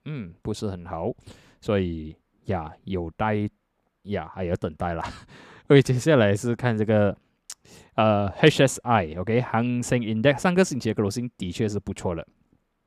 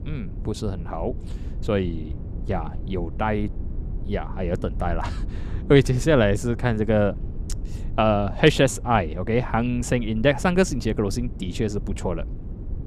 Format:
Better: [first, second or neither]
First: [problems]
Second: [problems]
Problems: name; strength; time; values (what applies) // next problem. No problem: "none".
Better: first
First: none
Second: low rumble; faint; throughout; 20 dB below the speech